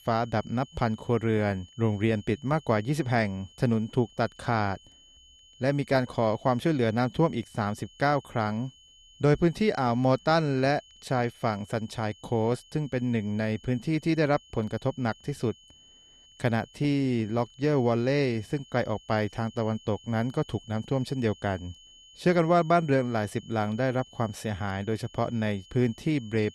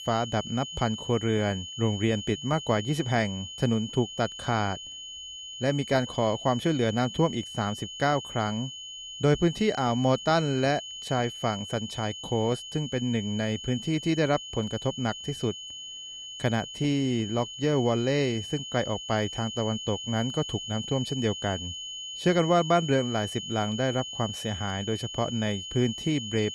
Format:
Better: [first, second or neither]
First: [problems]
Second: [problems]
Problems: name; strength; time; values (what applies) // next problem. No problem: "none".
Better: first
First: high-pitched whine; faint; throughout; 3 kHz, 25 dB below the speech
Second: high-pitched whine; loud; throughout; 3 kHz, 9 dB below the speech